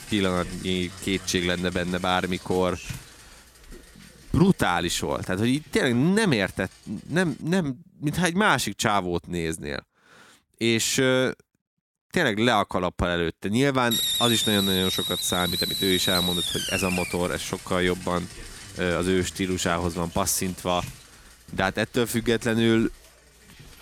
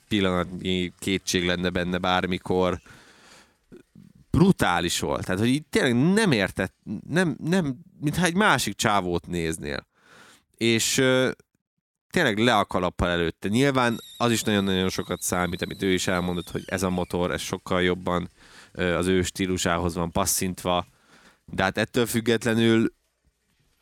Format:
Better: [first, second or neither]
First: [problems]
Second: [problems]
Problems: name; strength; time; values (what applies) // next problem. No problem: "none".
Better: second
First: hiss; loud; until 7.5 s and from 14 s on; 4 dB below the speech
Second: hiss; faint; until 7.5 s and from 14 s on; 25 dB below the speech